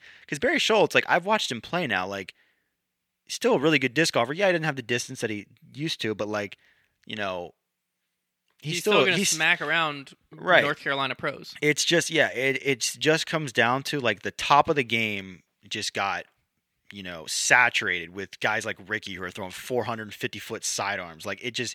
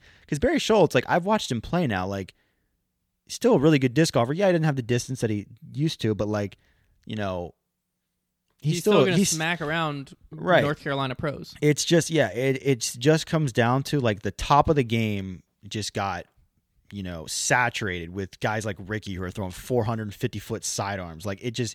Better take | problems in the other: second | thin; somewhat; fading below 750 Hz

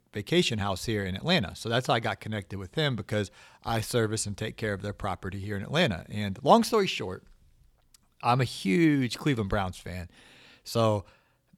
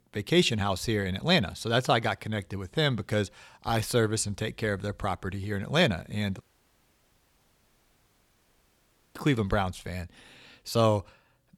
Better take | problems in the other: first | audio cutting out; at 6.5 s for 2.5 s

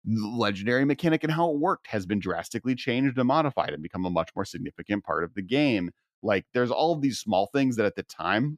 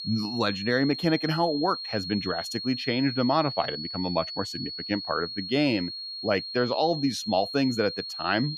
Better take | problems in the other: first | high-pitched whine; loud; throughout; 4.5 kHz, 6 dB below the speech

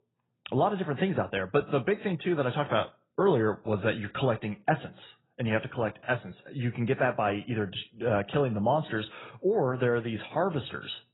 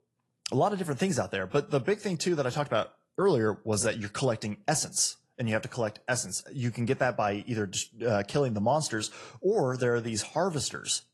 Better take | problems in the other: second | garbled, watery; badly; nothing above 4 kHz; slightly in the second

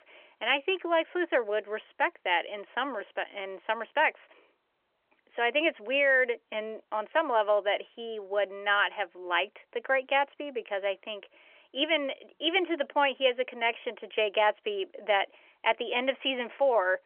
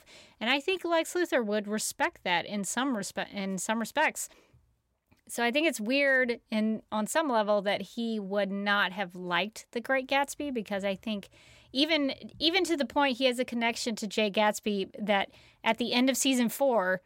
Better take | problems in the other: second | phone-call audio; nothing above 3.5 kHz

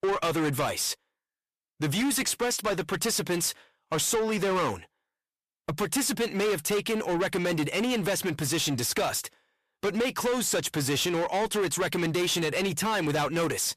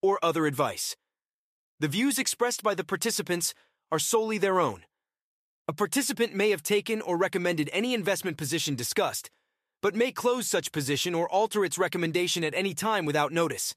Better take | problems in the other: second | distortion; heavy; 7 dB below the speech

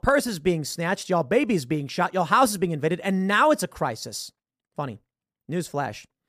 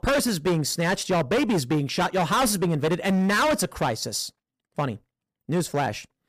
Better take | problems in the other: first | distortion; heavy; 16% of the sound clipped

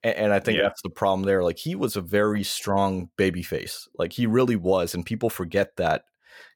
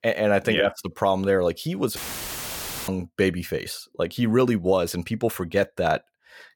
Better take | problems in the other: first | audio cutting out; filled with static; at 2 s for 1 s

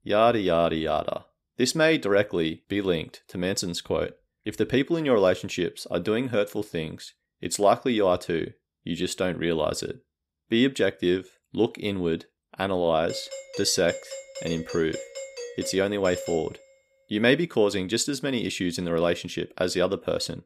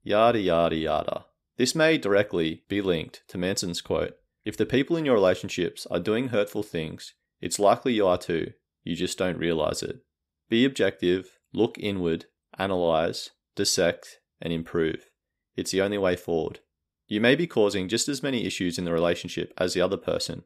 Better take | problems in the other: second | doorbell; noticeable; from 13 to 17 s; peak 10 dB below the speech

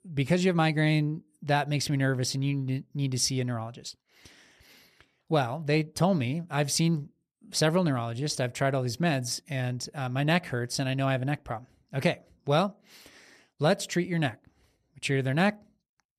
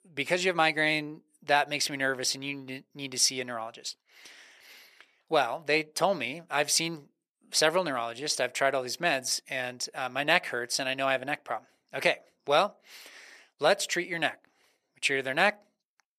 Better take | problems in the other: first | thin; very; fading below 500 Hz

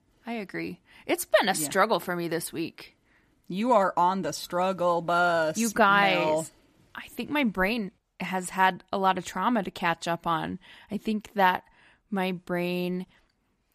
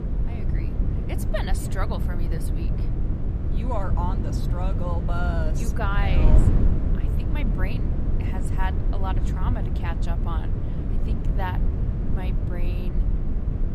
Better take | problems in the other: first | wind noise on the microphone; heavy; 4 dB below the speech

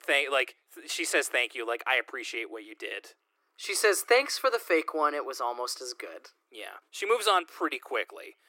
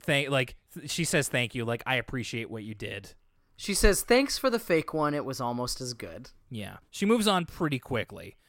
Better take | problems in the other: second | thin; very; fading below 300 Hz

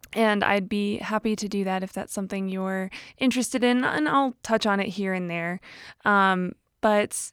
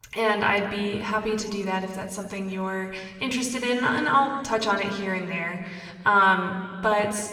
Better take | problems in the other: first | room echo; slight; dies away in 1.7 s // off-mic speech; somewhat distant

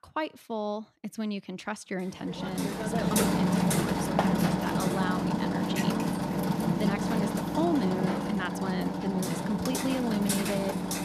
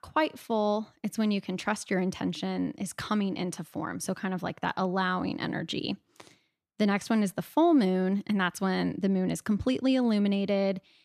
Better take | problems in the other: second | machinery noise; very loud; from 2.5 s on; 5 dB above the speech

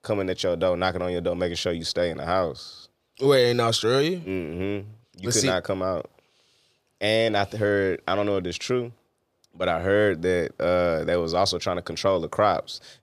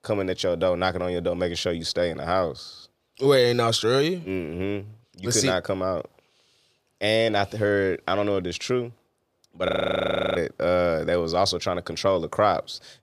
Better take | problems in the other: first | audio freezing; at 9.5 s for 0.5 s

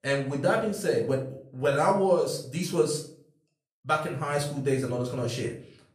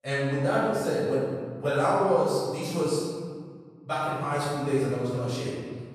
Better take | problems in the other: first | room echo; strong; dies away in 1.7 s; slight in the first // off-mic speech; far; far in the first

